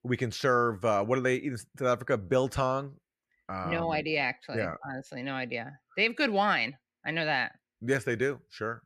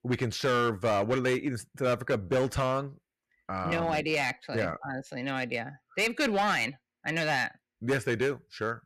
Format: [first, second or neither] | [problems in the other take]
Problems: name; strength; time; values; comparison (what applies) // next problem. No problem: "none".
first | distortion; slight; 8% of the sound clipped